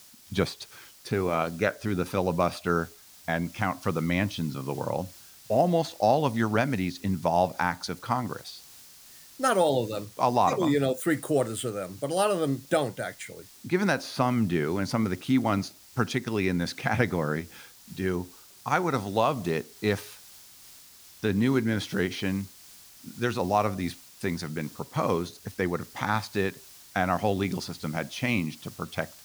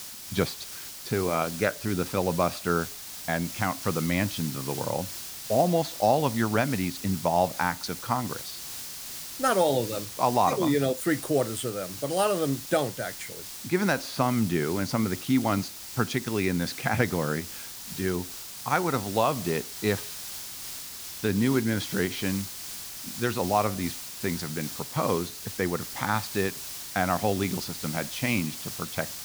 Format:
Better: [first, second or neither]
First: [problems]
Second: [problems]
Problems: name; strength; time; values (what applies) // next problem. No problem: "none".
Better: first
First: hiss; faint; throughout; 20 dB below the speech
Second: hiss; loud; throughout; 8 dB below the speech